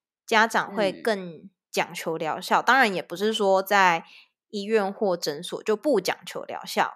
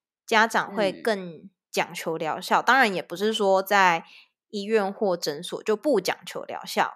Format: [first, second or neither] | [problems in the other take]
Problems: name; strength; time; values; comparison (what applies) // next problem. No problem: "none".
neither | none